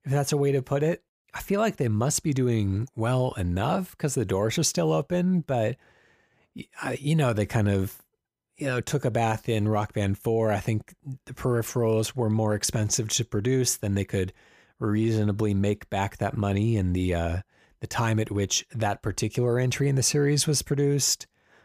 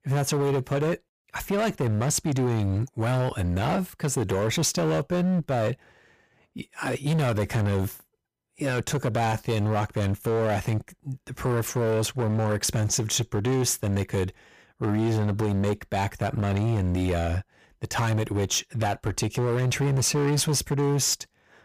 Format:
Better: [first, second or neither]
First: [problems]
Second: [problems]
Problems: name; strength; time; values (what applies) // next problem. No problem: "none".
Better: first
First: none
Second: distortion; slight; 19% of the sound clipped